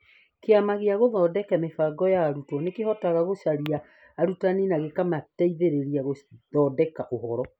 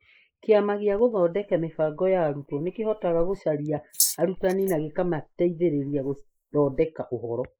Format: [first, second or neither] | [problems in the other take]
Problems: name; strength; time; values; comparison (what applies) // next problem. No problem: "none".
first | noise reduction (neural mask model Resemble Enhance denoiser)